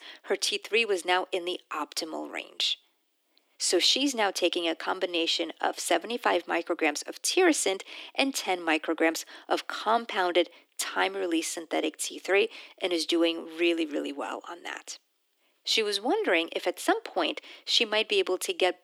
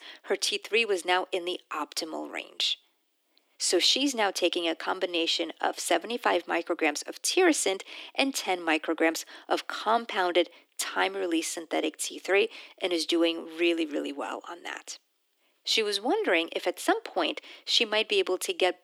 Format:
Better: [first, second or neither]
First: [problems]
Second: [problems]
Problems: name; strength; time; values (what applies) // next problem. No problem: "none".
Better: neither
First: thin; very; fading below 300 Hz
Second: thin; very; fading below 300 Hz